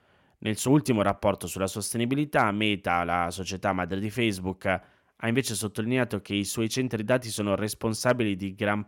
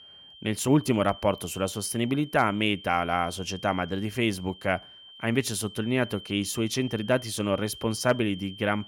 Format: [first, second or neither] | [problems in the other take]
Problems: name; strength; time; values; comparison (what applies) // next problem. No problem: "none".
first | high-pitched whine; noticeable; throughout; 3 kHz, 15 dB below the speech